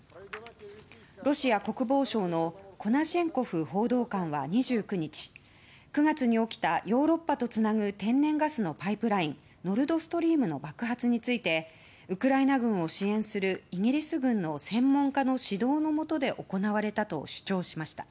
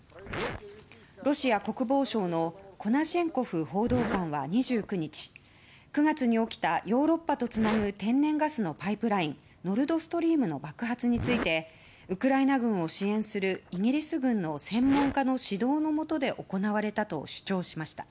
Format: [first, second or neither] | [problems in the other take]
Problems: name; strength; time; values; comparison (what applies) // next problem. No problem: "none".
first | background sound (Zipper (clothing)); 15 dB below the speech